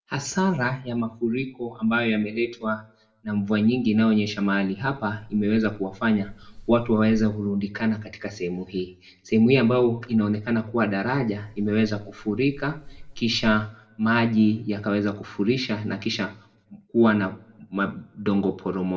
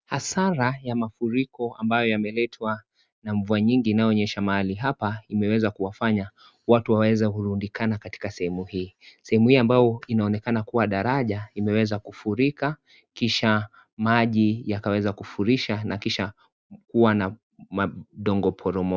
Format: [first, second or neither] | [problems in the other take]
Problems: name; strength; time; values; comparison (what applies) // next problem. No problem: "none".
second | background sound (Wind); 18 dB below the speech // room echo; dies away in 0.4 s